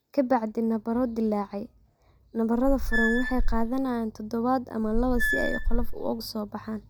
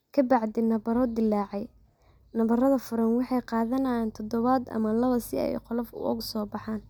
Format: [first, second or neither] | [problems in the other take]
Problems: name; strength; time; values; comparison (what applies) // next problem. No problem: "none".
second | background sound (Squeak / Screech); 2 dB above the speech